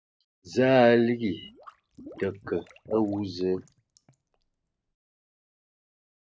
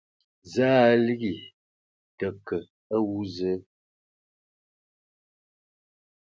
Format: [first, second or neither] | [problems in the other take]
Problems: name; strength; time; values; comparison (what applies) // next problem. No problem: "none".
second | background sound (Liquid); 19 dB below the speech